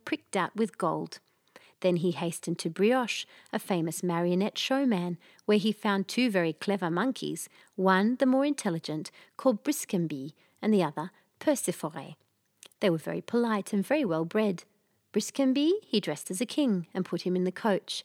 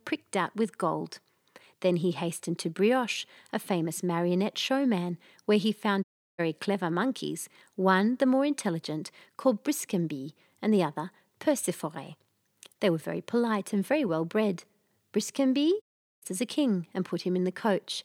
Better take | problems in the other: first | audio cutting out; at 6 s and at 16 s

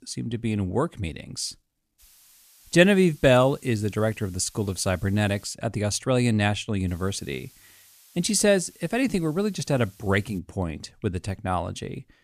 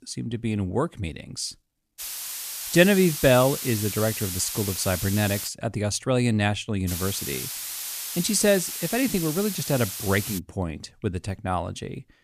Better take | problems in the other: first | hiss; loud; from 2 to 5.5 s and from 7 to 10 s; 5 dB below the speech; faint in the first

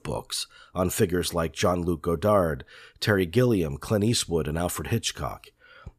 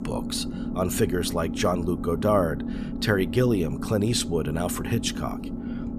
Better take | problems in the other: first | low rumble; noticeable; throughout; 10 dB below the speech

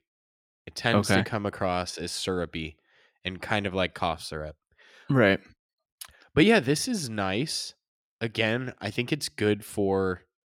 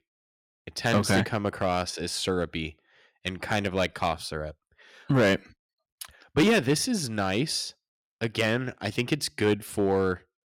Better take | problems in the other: first | distortion; slight; 2% of the sound clipped

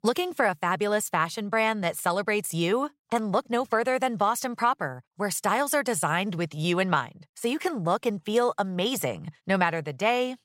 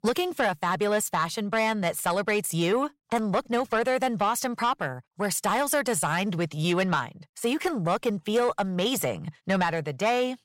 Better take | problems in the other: first | distortion; slight; 10 dB below the speech

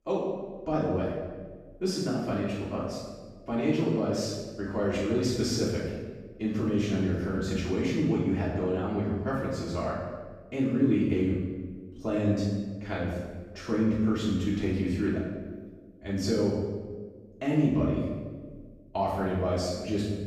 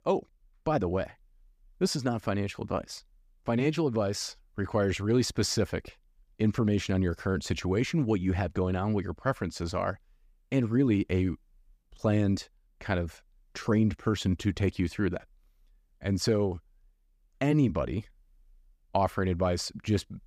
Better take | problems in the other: second | off-mic speech; far // room echo; strong; dies away in 1.2 s

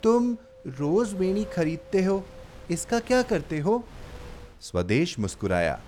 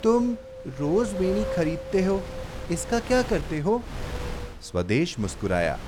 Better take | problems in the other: first | wind noise on the microphone; heavy; 9 dB below the speech; occasional gusts in the first

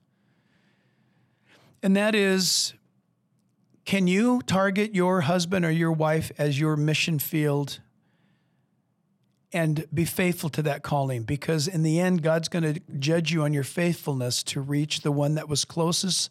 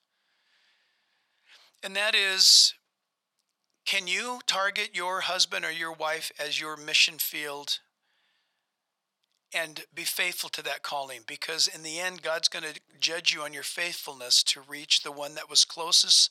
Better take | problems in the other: first | thin; very; fading below 900 Hz

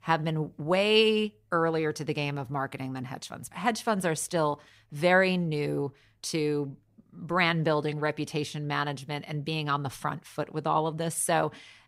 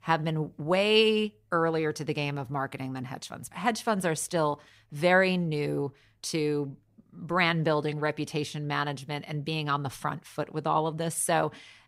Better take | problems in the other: neither | none

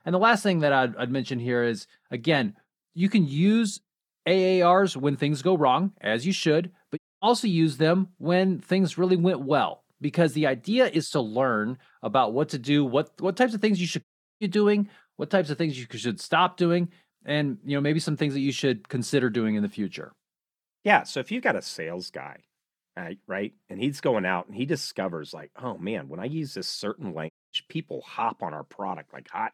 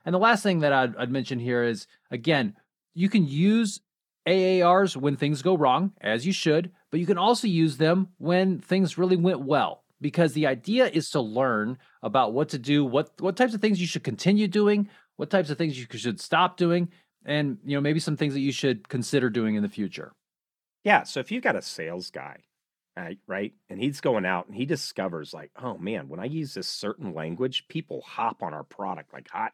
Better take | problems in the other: second | audio cutting out; at 7 s, at 14 s and at 27 s

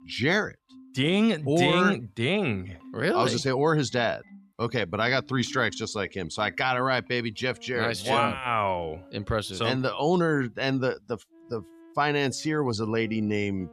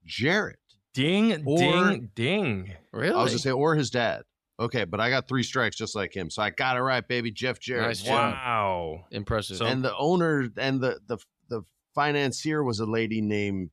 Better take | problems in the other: second | background music; faint; throughout; 25 dB below the speech

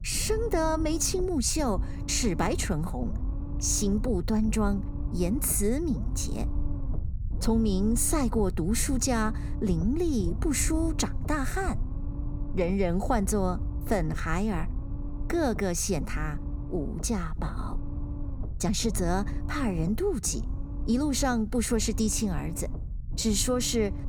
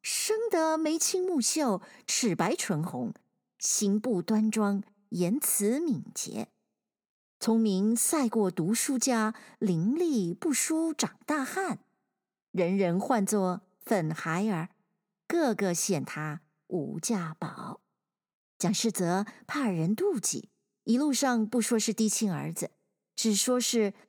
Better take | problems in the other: second | low rumble; noticeable; throughout; 15 dB below the speech

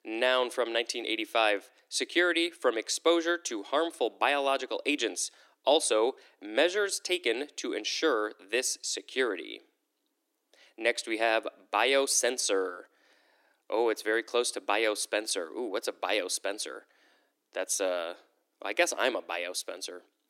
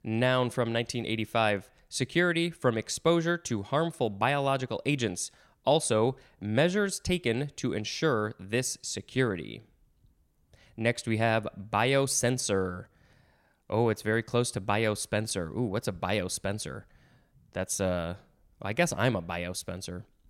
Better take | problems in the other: second | thin; somewhat; fading below 300 Hz

